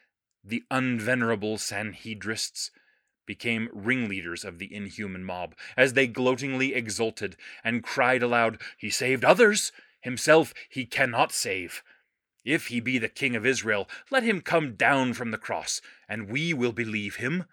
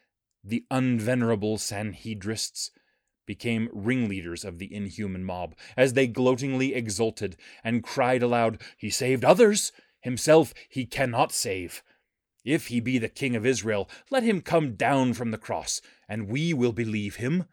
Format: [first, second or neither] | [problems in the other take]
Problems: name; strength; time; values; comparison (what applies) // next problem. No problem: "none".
second | thin; very slightly; fading below 250 Hz